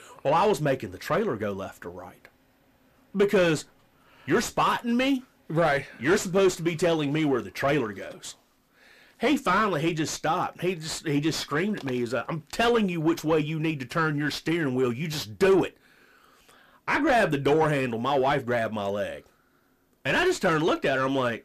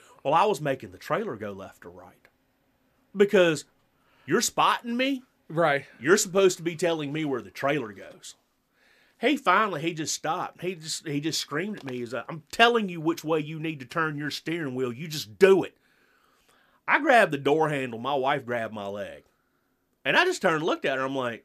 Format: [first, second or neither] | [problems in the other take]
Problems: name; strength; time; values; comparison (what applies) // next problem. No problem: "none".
second | distortion; heavy; 6 dB below the speech